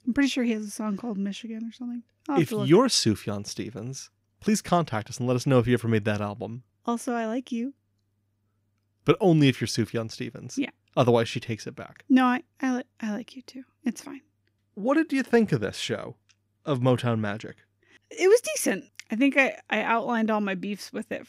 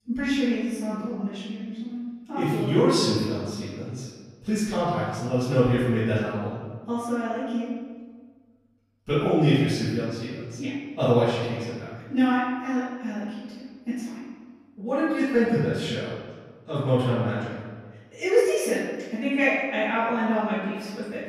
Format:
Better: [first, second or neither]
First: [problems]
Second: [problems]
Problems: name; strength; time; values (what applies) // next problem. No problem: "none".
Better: first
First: none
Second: off-mic speech; far // room echo; strong; dies away in 1.4 s